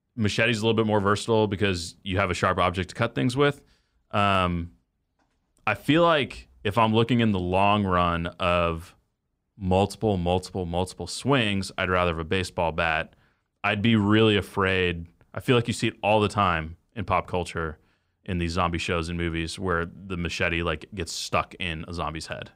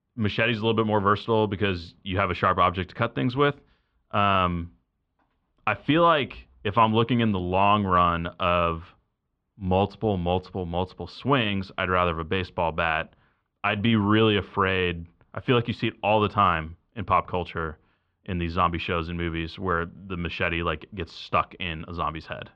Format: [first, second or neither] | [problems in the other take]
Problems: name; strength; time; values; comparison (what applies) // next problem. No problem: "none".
first | muffled; slightly; fading above 3.5 kHz